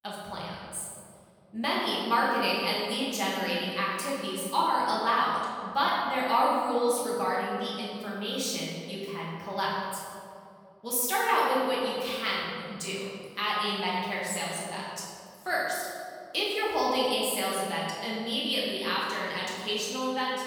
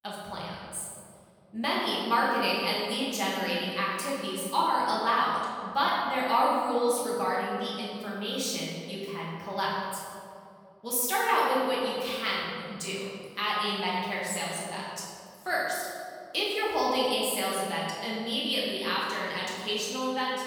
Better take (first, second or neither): neither